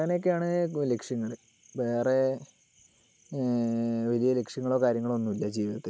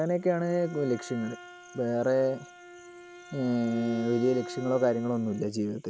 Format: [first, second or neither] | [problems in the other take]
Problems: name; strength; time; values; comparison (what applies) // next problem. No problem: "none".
first | background sound (Bowed string instrument); 15 dB below the speech